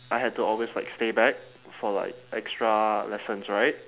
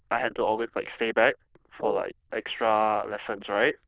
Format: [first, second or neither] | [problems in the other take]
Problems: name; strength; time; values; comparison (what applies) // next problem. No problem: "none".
first | noise reduction (neural diffusion model UNIVERSE++)